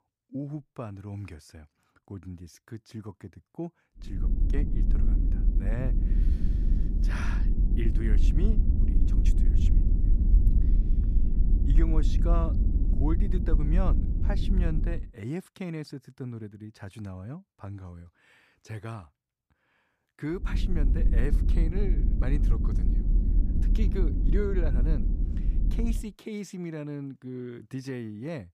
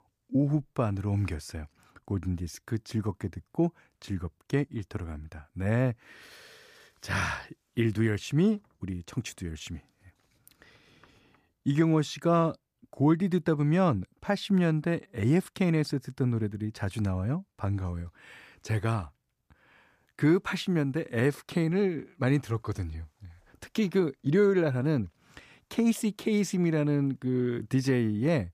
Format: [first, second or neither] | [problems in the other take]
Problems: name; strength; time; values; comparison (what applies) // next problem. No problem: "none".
second | low rumble; loud; from 4 to 15 s and from 20 to 26 s; 3 dB below the speech